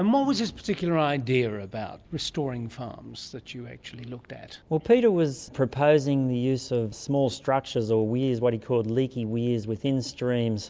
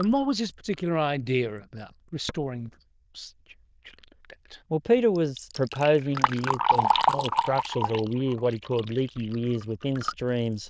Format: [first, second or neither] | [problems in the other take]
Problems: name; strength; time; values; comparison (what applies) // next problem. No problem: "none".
first | noise reduction (neural diffusion model UNIVERSE++)